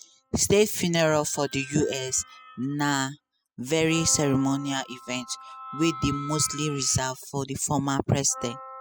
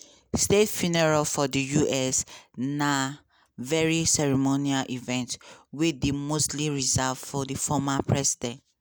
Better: second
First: noise reduction (classical method spectral subtraction)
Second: none

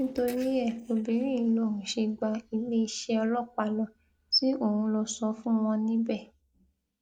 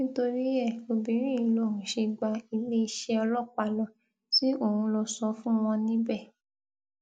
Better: second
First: noise reduction (neural mask model Resemble Enhance denoiser)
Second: none

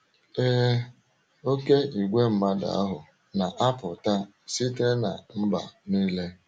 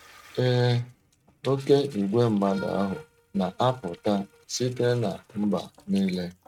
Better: first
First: none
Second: noise reduction (neural mask model RNNoise)

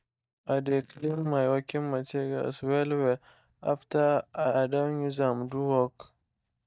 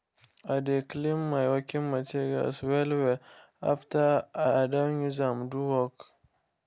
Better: second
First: noise reduction (neural mask model DeepFilterNet 3)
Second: none

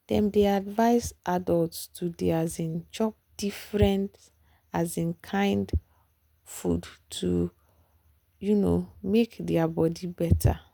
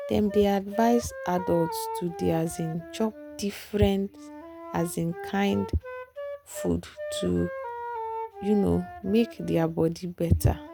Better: first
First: none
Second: background sound (Wind instrument, woodwind instrument); 11 dB below the speech

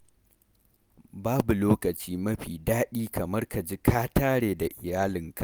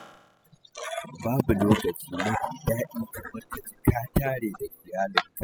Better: first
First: none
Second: noise reduction (classical method spectral subtraction)

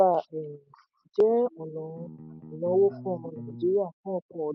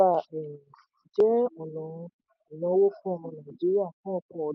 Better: second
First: background sound (Bass guitar); 15 dB below the speech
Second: none

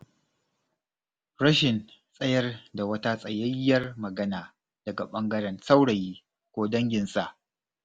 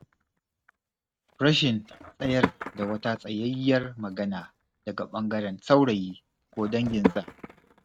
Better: first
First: none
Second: noise reduction (neural mask model RNNoise)

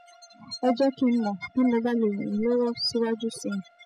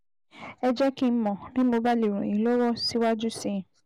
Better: second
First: noise reduction (classical method spectral subtraction)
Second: none

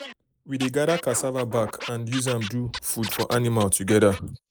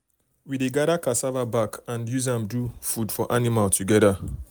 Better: second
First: noise reduction (neural mask model Resemble Enhance denoiser)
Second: none

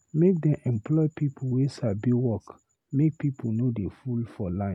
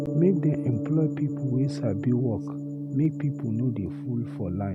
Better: first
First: none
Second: background sound (Gong); 5 dB below the speech

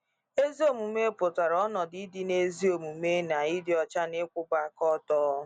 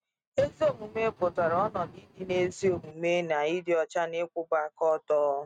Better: first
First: none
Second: noise reduction (neural mask model RNNoise)

